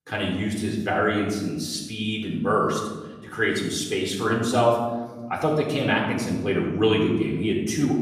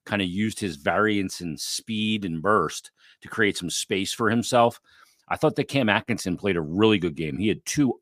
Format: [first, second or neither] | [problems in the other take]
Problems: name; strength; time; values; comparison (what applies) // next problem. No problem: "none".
second | off-mic speech; far // room echo; noticeable; dies away in 1.1 s